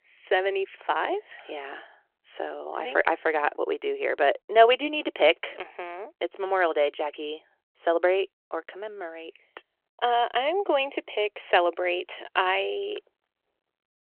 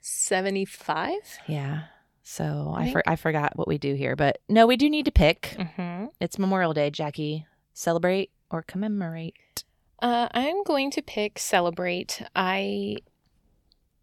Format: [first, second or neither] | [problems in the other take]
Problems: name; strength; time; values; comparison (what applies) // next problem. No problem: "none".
second | phone-call audio